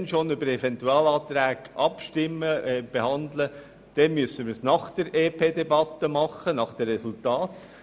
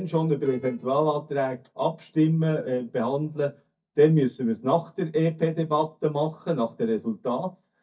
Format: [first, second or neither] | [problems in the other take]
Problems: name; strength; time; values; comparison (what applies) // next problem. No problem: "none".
first | noise reduction (neural mask model DeepFilterNet 3)